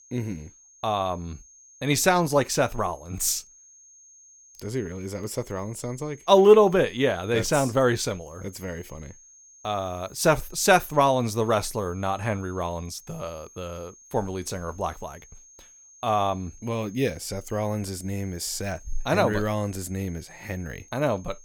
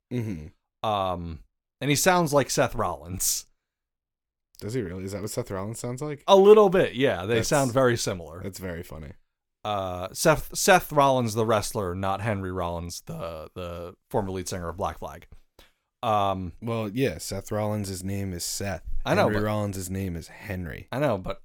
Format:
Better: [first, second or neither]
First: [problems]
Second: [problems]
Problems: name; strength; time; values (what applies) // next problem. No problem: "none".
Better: second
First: high-pitched whine; faint; throughout; 6.5 kHz, 25 dB below the speech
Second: none